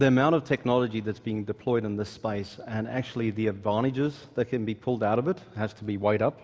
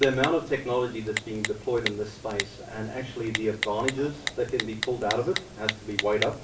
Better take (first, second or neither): first